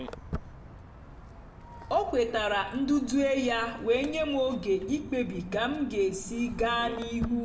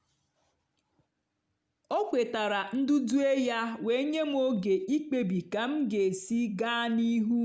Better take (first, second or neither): second